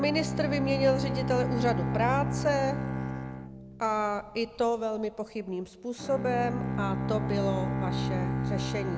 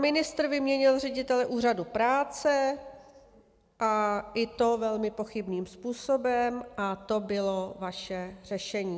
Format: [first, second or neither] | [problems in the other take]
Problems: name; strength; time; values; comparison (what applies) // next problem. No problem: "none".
second | background sound (Bowed string instrument); 2 dB below the speech